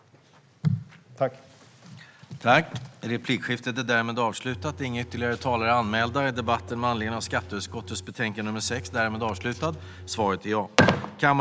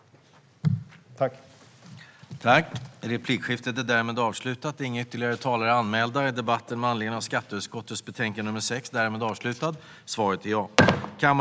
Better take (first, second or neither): second